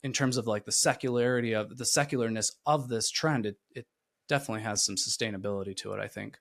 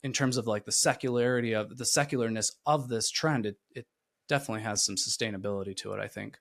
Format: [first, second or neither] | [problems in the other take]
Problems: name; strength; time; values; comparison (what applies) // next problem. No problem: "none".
neither | none